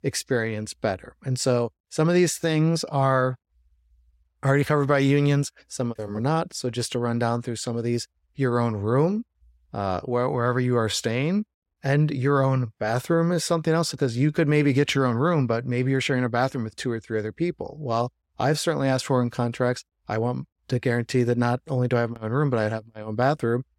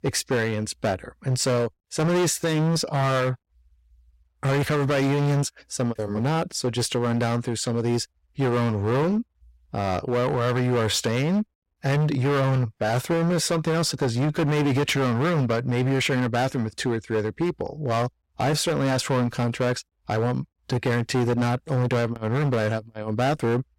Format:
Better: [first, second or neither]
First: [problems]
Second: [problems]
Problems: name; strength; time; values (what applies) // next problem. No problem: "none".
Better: first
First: none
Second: distortion; heavy; 19% of the sound clipped